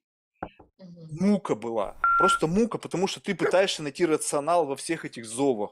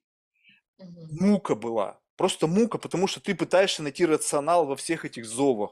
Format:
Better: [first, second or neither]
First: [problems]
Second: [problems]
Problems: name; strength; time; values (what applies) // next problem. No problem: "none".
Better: second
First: door banging; faint; at 0.5 s; peak 15 dB below the speech // phone ringing; loud; at 2 s; peak 6 dB above the speech // dog barking; noticeable; at 3.5 s; peak 4 dB below the speech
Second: none